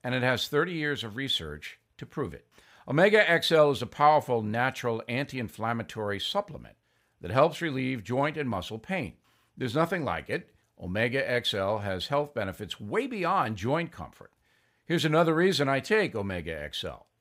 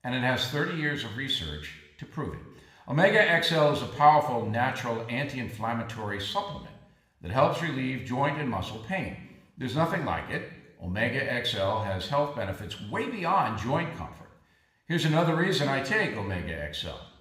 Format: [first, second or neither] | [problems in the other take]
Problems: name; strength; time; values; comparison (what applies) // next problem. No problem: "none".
first | room echo; slight; dies away in 0.8 s